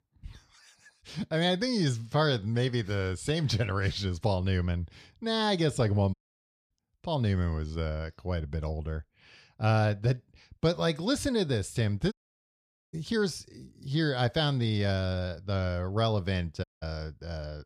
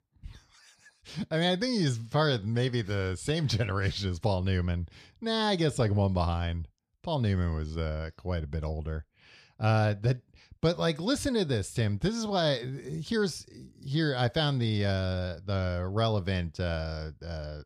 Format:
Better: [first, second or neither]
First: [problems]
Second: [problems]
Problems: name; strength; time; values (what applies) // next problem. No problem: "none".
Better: second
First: audio cutting out; at 6 s for 0.5 s, at 12 s for 1 s and at 17 s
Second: none